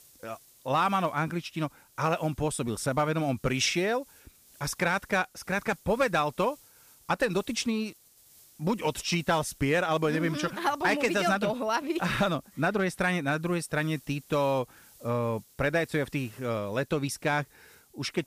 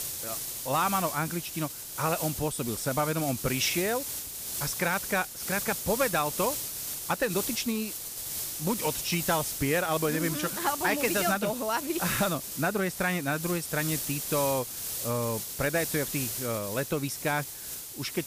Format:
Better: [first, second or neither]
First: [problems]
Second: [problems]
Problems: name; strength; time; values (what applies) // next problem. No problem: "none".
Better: first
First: hiss; faint; throughout; 25 dB below the speech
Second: hiss; loud; throughout; 3 dB below the speech